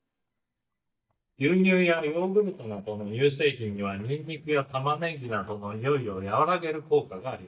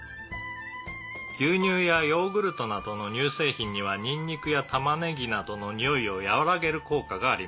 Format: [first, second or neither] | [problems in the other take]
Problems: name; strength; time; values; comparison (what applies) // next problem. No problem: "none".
second | noise reduction (neural mask model DeepFilterNet 3)